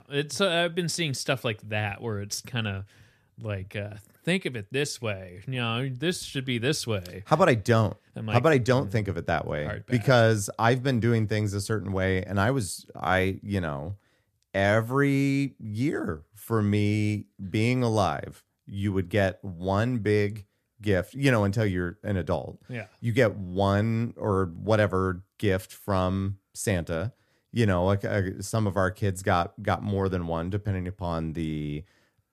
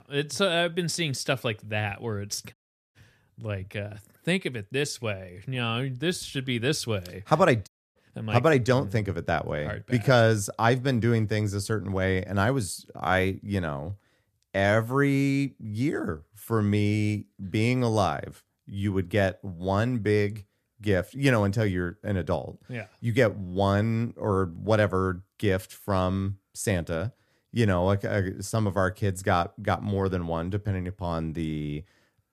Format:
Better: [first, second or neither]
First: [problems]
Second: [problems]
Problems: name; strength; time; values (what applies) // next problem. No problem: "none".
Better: first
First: none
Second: audio cutting out; at 2.5 s and at 7.5 s